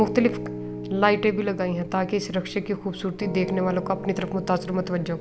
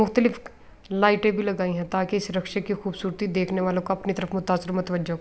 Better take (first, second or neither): second